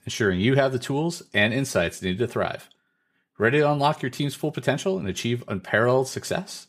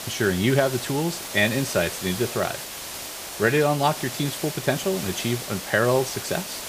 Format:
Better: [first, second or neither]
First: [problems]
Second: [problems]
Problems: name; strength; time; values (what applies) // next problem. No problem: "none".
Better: first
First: none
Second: hiss; loud; throughout; 8 dB below the speech